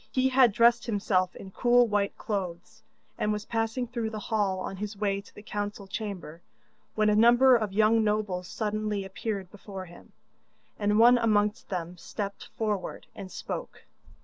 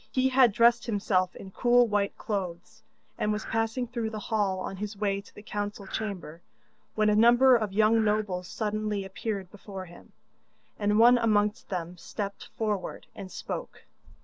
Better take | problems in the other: first | background sound (Breathing); 11 dB below the speech

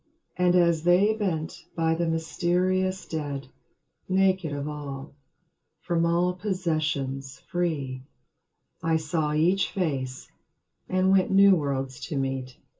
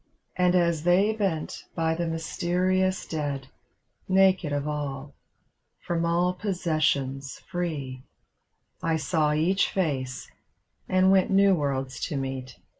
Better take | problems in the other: second | room echo; dies away in 0.2 s

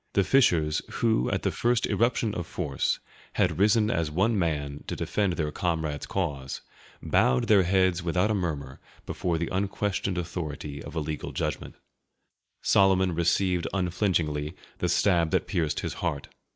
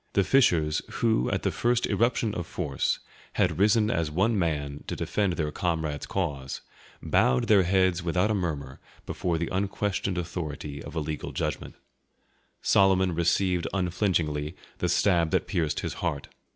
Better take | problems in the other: second | noise reduction (neural mask model Resemble Enhance denoiser)

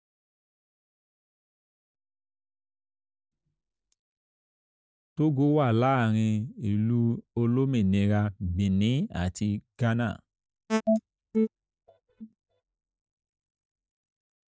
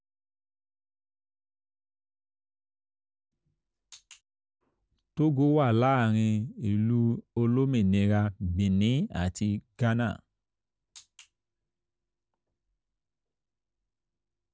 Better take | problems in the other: second | noise reduction (neural mask model DeepFilterNet 3)

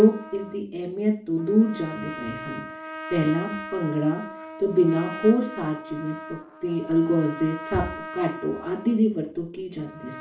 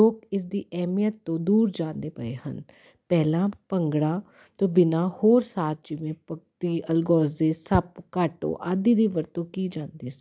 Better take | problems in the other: second | background sound (Trumpet); 13 dB below the speech // room echo; dies away in 0.4 s

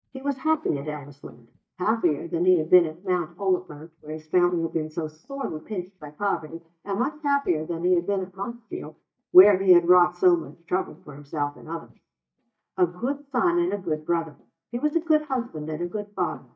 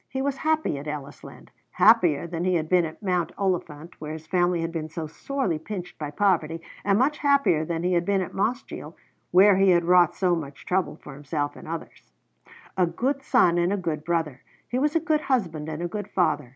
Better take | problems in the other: second | noise reduction (neural mask model DeepFilterNet 3)

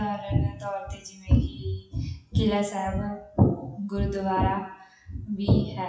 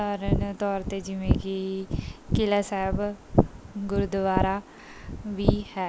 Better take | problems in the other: second | noise reduction (classical method WPE with log-MMSE)

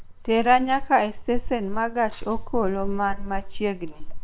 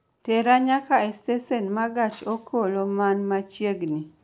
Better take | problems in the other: second | noise reduction (neural separator model SepFormer WHAM!)

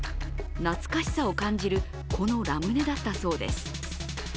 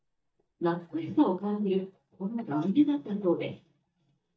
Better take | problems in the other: first | noise reduction (neural mask model DeepFilterNet 3)

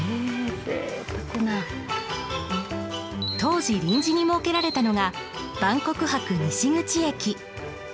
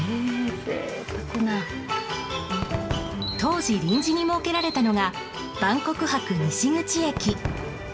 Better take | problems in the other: first | background sound (Crowd / Cheering / Fireworks); 12 dB below the speech // room echo; dies away in 0.2 s

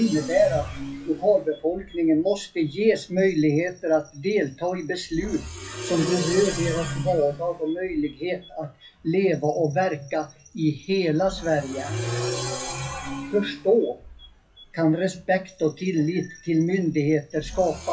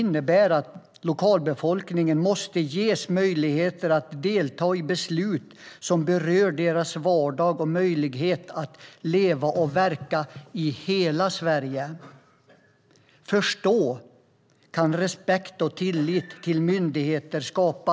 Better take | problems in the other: second | noise reduction (classical method WPE with log-MMSE)

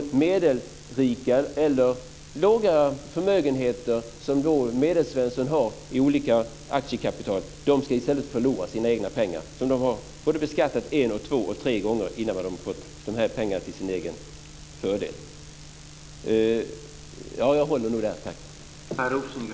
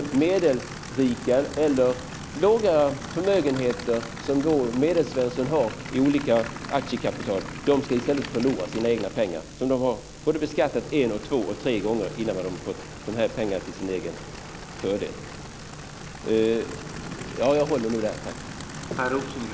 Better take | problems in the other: first | background sound (Idling / Aircraft); 13 dB below the speech

